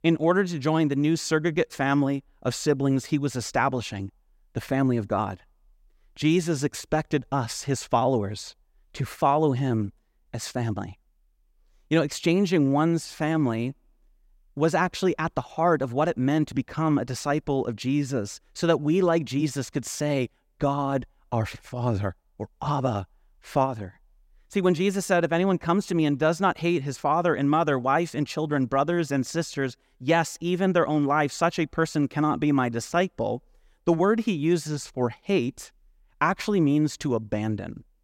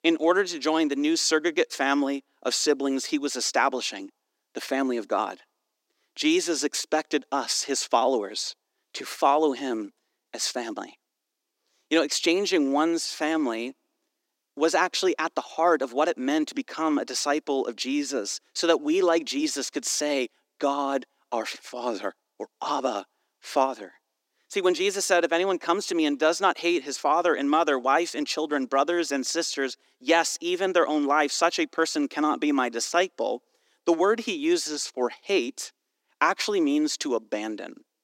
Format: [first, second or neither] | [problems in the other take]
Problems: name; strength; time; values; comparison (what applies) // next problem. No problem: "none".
first | thin; very slightly; fading below 250 Hz